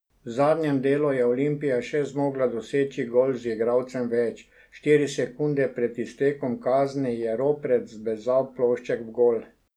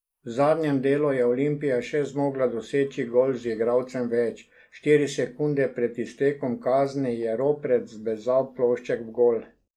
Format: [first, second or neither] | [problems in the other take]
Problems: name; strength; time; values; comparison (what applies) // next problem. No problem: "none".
first | noise reduction (neural mask model Resemble Enhance denoiser)